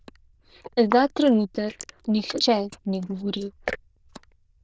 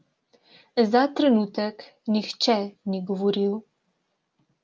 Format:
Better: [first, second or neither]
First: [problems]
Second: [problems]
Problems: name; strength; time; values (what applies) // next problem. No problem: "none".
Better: second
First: noise reduction (neural diffusion model UNIVERSE++)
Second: none